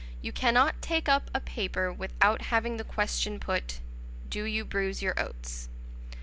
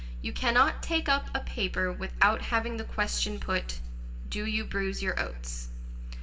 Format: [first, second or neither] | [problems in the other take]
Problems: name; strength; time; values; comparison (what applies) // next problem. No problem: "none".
first | room echo; dies away in 0.7 s